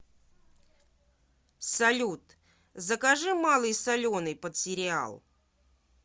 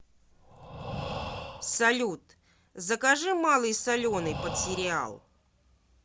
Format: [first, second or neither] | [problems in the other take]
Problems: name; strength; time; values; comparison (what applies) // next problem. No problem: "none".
first | background sound (Breathing); 10 dB below the speech